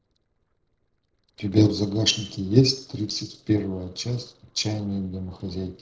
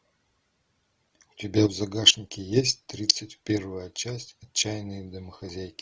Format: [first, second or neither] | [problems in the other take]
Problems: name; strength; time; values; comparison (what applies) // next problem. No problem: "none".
second | noise reduction (neural separator model SepFormer DNS4)